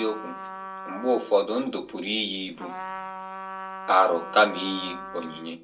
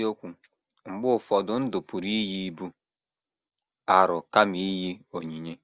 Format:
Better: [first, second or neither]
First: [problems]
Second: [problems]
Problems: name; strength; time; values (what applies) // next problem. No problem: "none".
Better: second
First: background sound (Trumpet); 11 dB below the speech // room echo; dies away in 0.2 s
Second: none